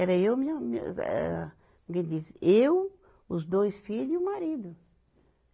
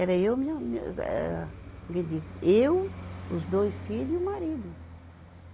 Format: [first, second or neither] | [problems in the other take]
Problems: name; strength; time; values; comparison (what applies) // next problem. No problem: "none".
first | background sound (Traffic noise, roadway noise); 13 dB below the speech